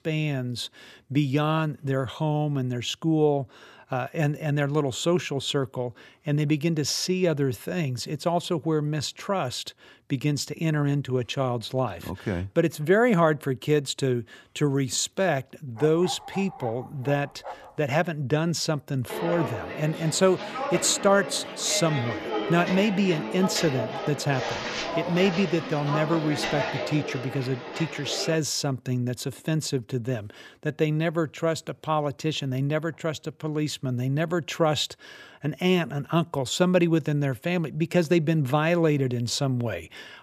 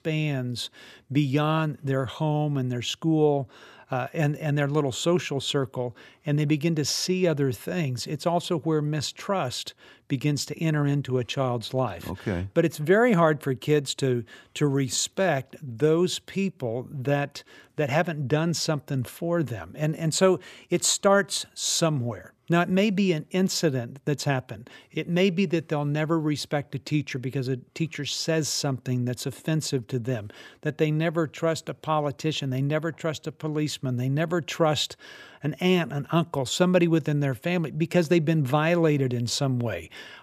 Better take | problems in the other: second | dog barking; faint; from 16 to 18 s; peak 10 dB below the speech // footsteps; noticeable; from 19 to 28 s; peak 2 dB below the speech

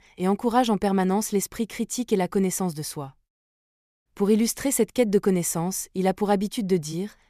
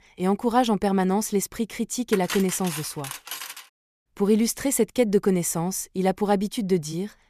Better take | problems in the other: first | clattering dishes; noticeable; from 2 to 3.5 s; peak 7 dB below the speech

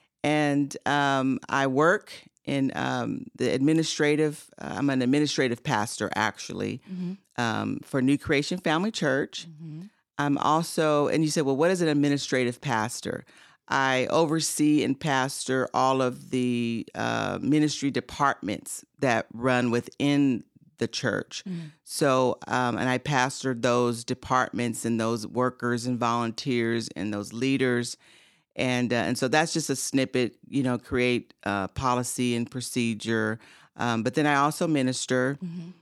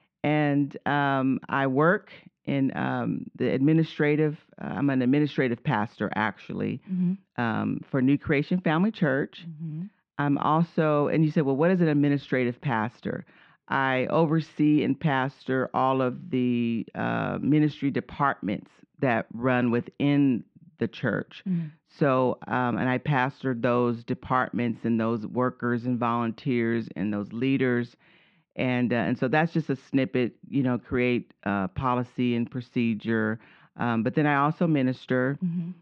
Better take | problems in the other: first | muffled; very; fading above 3 kHz

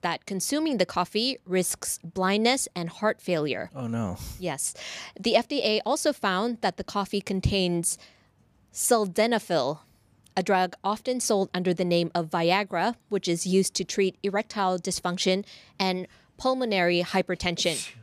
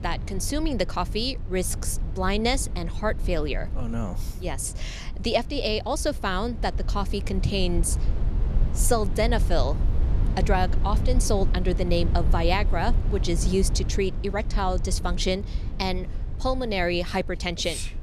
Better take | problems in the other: first | low rumble; noticeable; throughout; 15 dB below the speech

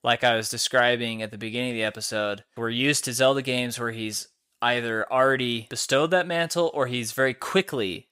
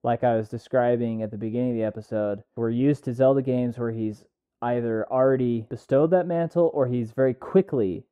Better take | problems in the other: first | muffled; very; fading above 1.5 kHz

